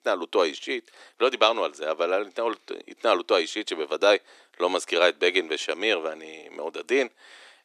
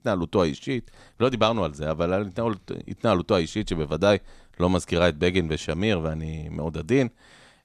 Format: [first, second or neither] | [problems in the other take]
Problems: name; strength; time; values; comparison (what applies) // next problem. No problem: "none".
second | thin; very; fading below 300 Hz